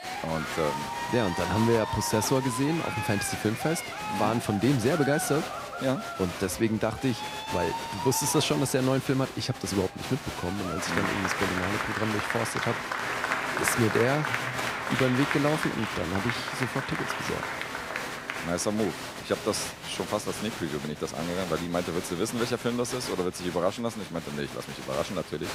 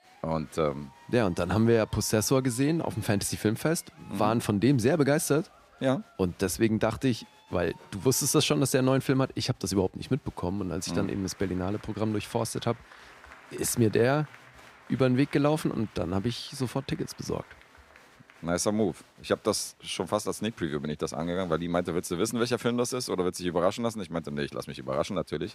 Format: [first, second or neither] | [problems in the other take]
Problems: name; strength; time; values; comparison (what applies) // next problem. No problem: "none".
second | crowd noise; loud; throughout; 3 dB below the speech; faint in the second